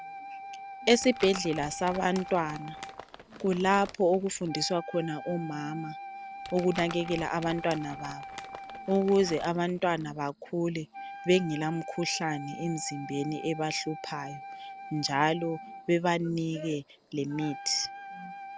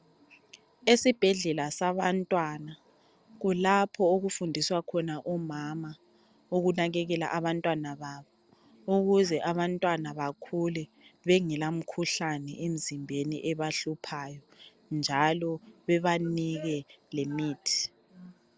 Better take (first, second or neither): second